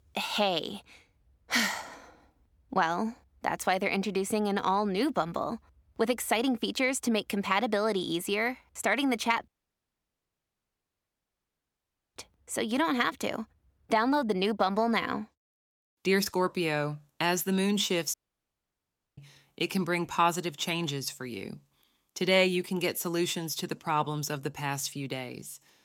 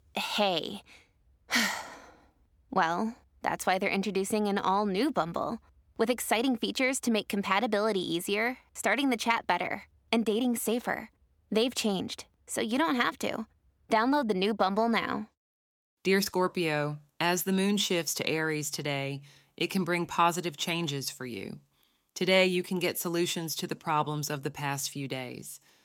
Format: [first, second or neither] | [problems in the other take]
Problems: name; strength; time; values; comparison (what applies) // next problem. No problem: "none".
second | audio cutting out; at 9.5 s for 2.5 s and at 18 s for 1 s